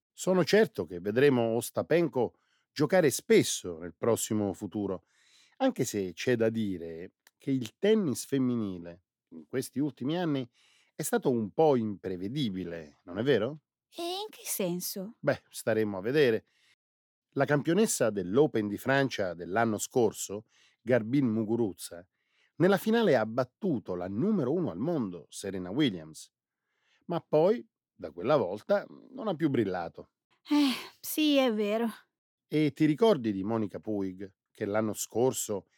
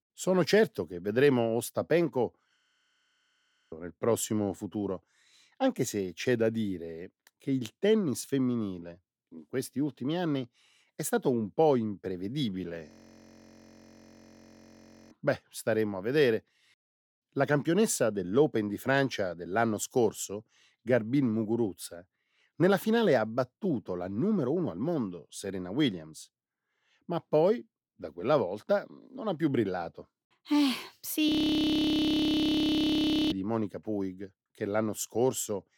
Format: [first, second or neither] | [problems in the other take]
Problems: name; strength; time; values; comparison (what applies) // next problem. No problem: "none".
first | audio freezing; at 2.5 s for 1 s, at 13 s for 2 s and at 31 s for 2 s